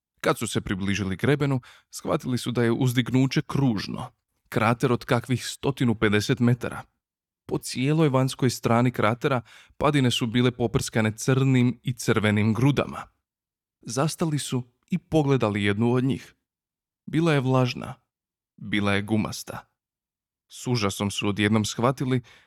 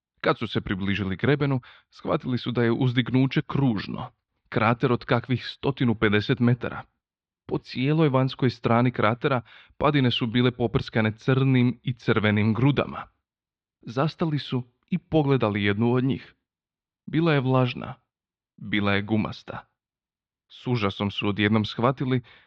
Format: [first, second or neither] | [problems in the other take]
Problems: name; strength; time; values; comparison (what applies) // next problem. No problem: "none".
first | muffled; slightly; fading above 4 kHz